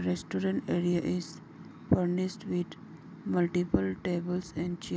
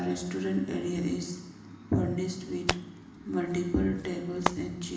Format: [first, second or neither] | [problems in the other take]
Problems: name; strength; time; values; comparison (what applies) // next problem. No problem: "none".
first | background sound (Hands); 7 dB below the speech // room echo; dies away in 1 s